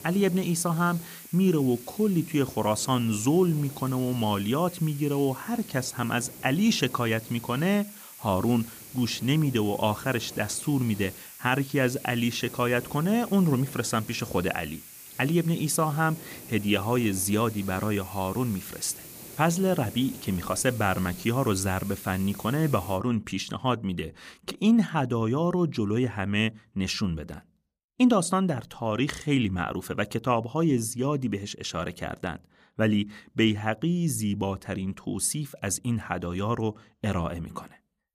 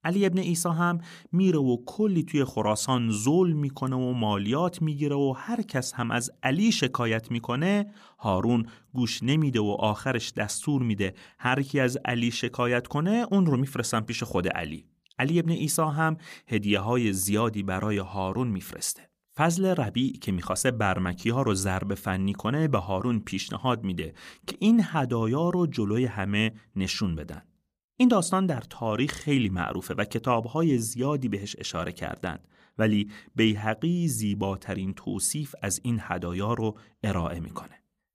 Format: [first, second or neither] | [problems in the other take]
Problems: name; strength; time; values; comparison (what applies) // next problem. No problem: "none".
second | hiss; noticeable; until 23 s; 15 dB below the speech